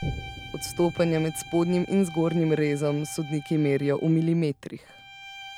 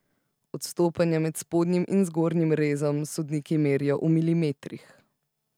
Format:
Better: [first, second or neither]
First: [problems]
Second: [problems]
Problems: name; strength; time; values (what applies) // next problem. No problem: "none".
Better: second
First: background sound (Bowed string instrument + Boom); 14 dB below the speech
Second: none